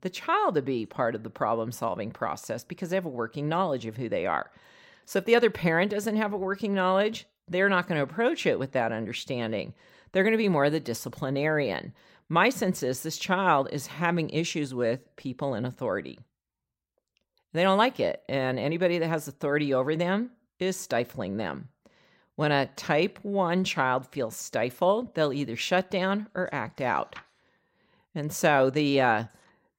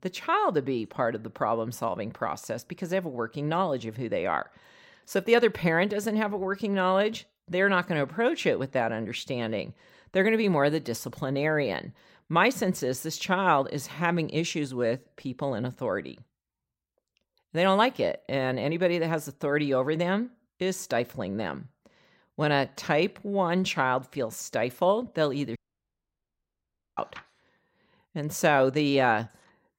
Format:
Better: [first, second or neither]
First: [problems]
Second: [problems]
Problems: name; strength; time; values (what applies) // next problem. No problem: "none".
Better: first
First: none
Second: audio cutting out; at 26 s for 1.5 s